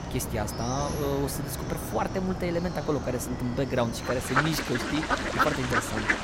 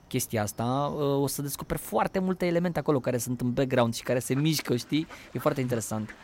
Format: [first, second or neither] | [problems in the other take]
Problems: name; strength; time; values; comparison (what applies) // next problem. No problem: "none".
second | animal sounds; loud; throughout; 1 dB below the speech; faint in the second